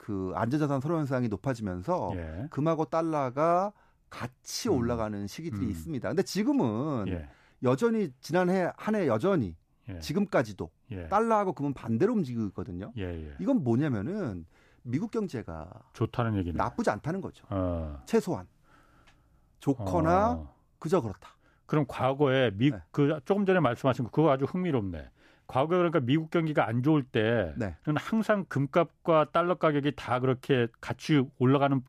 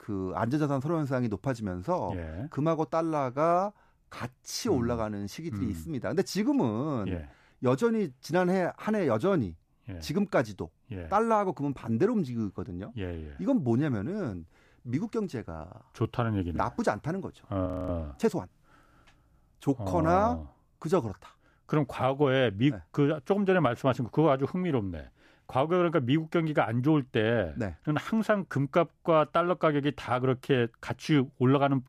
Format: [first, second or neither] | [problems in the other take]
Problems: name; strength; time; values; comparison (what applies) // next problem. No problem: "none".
first | audio freezing; at 18 s